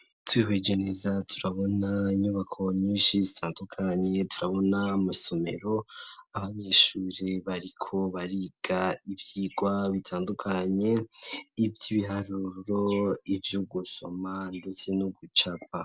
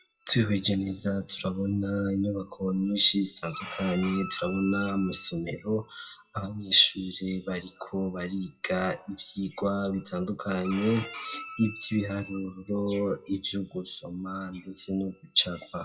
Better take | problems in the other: first | noise reduction (classical method WPE with log-MMSE)

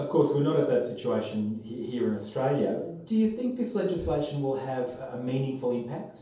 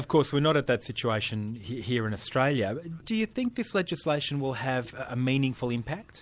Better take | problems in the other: second | background sound (Breathing); 20 dB below the speech // room echo; dies away in 0.7 s

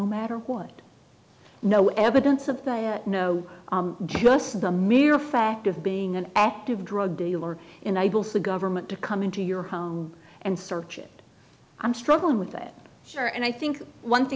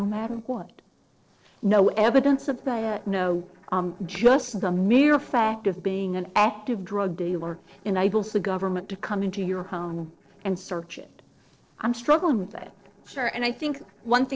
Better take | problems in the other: first | noise reduction (neural separator model SepFormer DNS4)

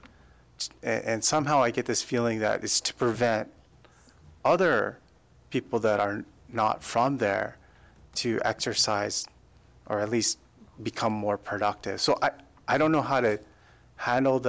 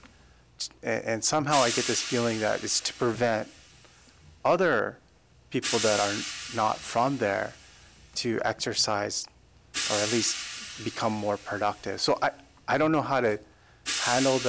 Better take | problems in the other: first | background sound (Hi-hat); 9 dB below the speech

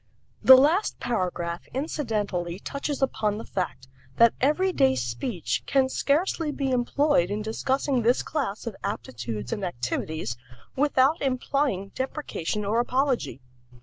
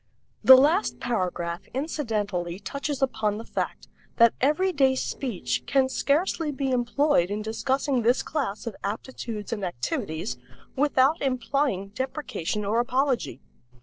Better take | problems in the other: first | noise reduction (neural separator model SepFormer DNS4)

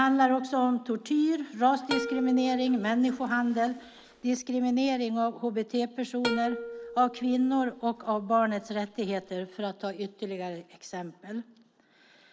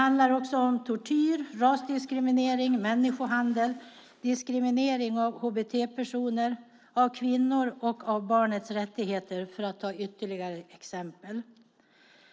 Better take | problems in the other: second | background sound (Plucked string instrument); 11 dB below the speech

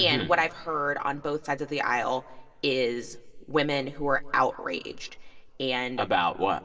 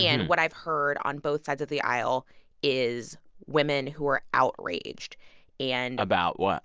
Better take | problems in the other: second | room echo; dies away in 1.4 s

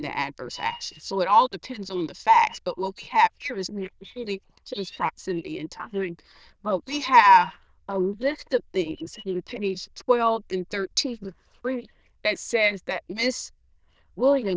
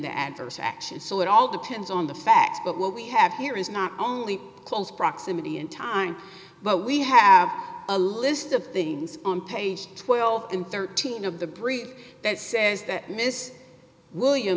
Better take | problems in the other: second | noise reduction (neural diffusion model UNIVERSE++)

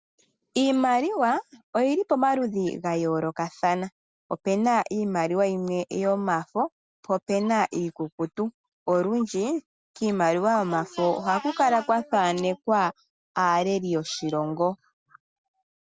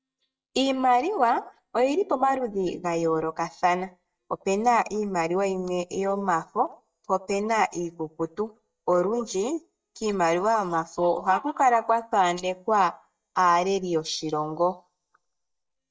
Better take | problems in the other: first | noise reduction (neural mask model DeepFilterNet 3)

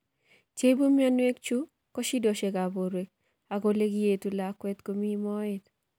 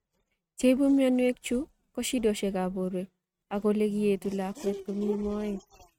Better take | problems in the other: first | noise reduction (neural mask model RNNoise)

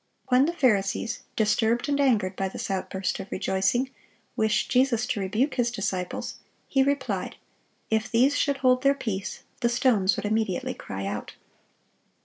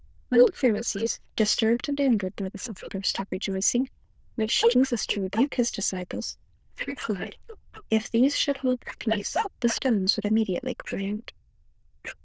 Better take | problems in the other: first | noise reduction (neural diffusion model UNIVERSE++)

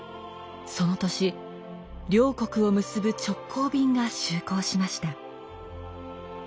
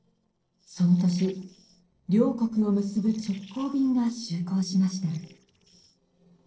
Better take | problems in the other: first | noise reduction (neural separator model SepFormer DNS4)

